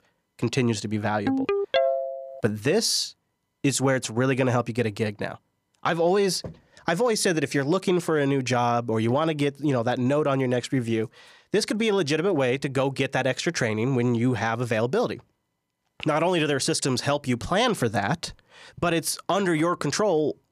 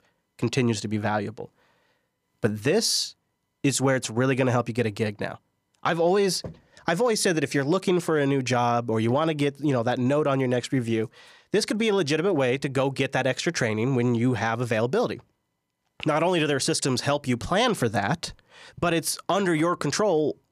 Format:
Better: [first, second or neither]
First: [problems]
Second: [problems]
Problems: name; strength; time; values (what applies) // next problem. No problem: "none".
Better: second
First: phone ringing; loud; at 1.5 s; peak 1 dB above the speech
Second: none